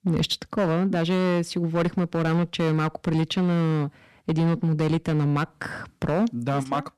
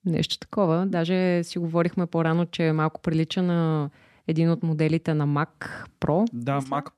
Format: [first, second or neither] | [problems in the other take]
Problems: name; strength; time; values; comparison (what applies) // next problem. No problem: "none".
second | distortion; slight; 9% of the sound clipped